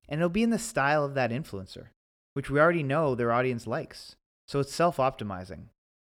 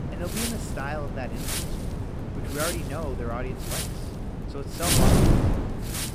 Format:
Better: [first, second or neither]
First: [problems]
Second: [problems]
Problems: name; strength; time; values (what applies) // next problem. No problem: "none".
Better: first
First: none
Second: wind noise on the microphone; heavy; 3 dB above the speech